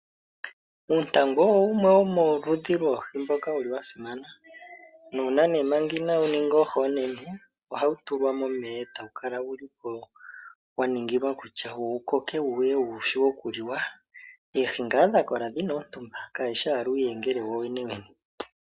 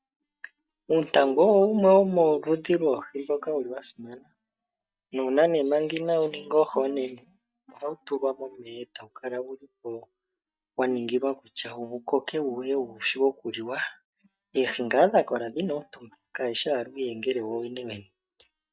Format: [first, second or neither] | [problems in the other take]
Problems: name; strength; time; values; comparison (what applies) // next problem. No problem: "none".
first | noise reduction (neural mask model DeepFilterNet 3)